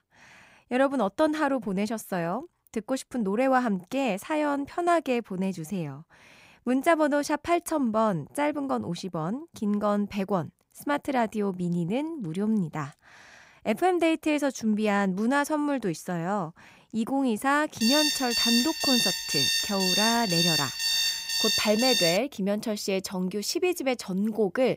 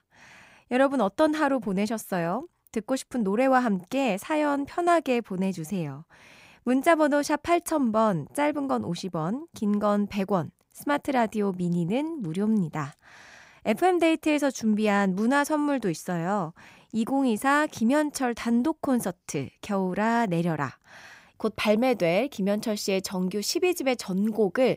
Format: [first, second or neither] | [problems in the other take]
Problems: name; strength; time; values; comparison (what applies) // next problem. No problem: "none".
second | alarm; loud; from 18 to 22 s; peak 5 dB above the speech